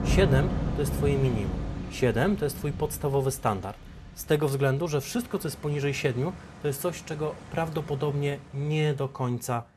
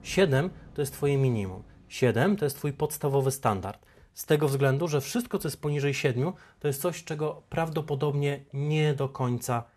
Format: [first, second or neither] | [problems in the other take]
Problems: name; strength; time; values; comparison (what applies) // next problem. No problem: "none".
second | rain or running water; loud; throughout; 5 dB below the speech; faint in the second